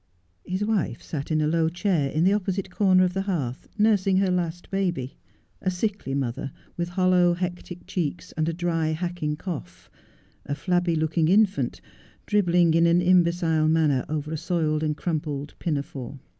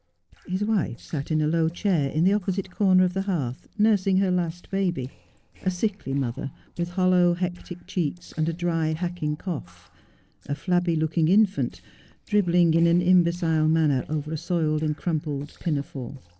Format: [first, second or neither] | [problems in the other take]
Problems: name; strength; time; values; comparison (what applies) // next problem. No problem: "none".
first | noise reduction (neural separator model SepFormer DNS4)